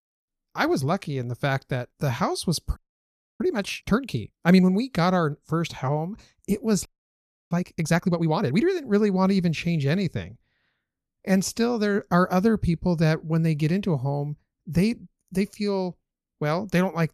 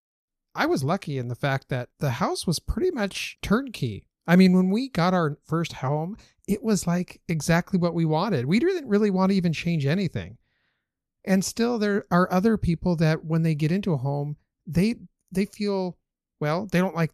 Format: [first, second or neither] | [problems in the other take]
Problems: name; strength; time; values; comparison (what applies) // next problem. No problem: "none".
second | audio freezing; at 3 s for 0.5 s and at 7 s for 0.5 s